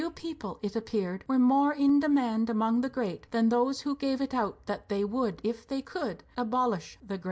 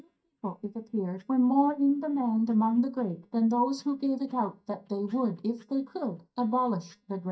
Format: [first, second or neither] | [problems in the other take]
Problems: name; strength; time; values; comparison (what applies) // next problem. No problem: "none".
first | noise reduction (neural mask model DeepFilterNet 3)